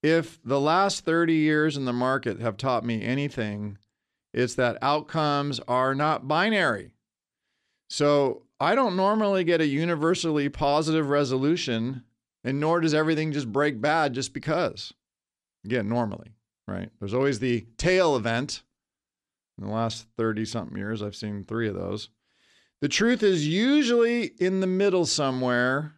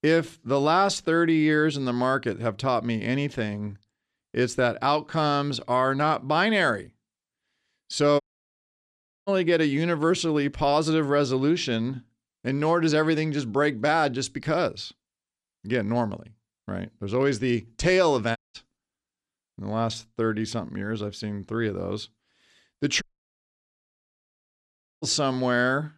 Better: first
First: none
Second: audio cutting out; at 8 s for 1 s, at 18 s and at 23 s for 2 s

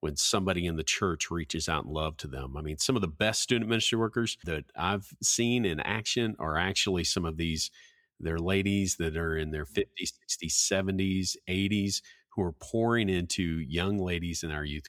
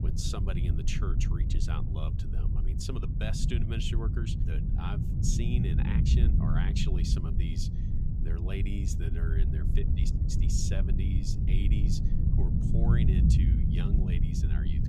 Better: first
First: none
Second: low rumble; loud; throughout; as loud as the speech

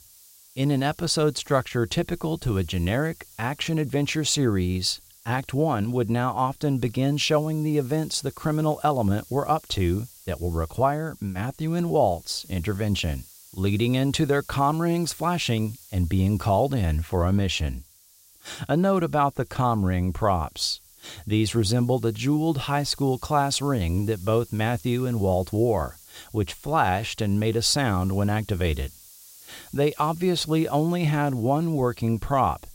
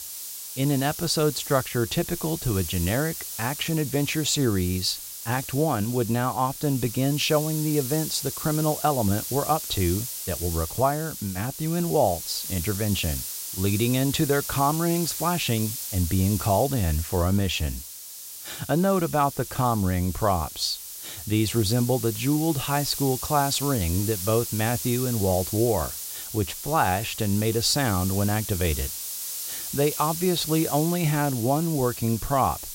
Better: first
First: hiss; faint; throughout; 25 dB below the speech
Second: hiss; loud; throughout; 7 dB below the speech

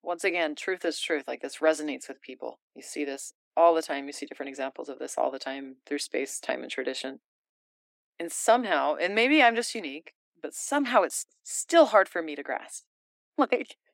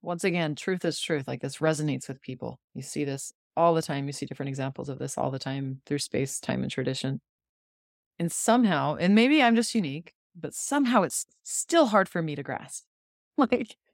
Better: second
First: thin; somewhat; fading below 300 Hz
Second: none

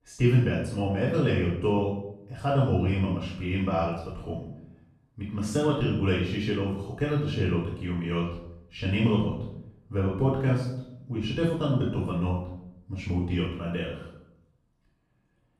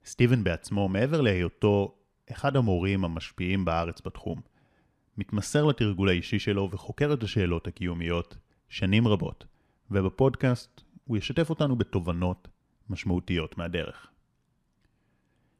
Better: second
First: off-mic speech; far // room echo; noticeable; dies away in 0.6 s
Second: none

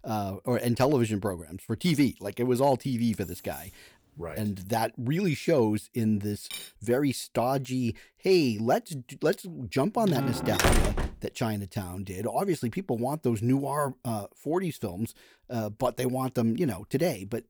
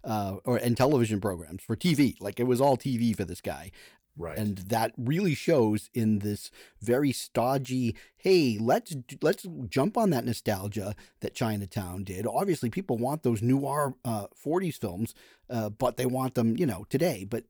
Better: second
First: jangling keys; faint; at 3 s; peak 15 dB below the speech // clattering dishes; faint; at 6.5 s; peak 10 dB below the speech // door banging; loud; from 10 to 11 s; peak 5 dB above the speech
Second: none

